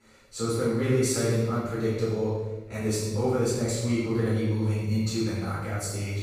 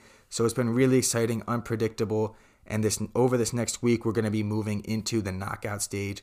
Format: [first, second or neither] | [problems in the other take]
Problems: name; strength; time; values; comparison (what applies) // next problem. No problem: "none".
second | off-mic speech; far // room echo; strong; dies away in 1.1 s